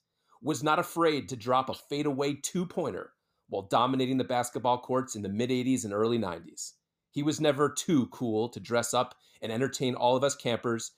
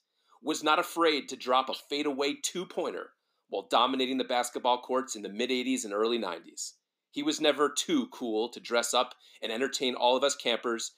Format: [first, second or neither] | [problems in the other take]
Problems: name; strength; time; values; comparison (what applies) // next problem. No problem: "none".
first | thin; very slightly; fading below 250 Hz